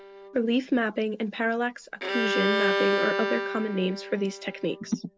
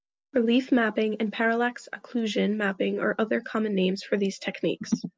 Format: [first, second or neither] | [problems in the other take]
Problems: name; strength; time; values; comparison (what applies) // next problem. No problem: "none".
second | background sound (Bowed string instrument); 3 dB below the speech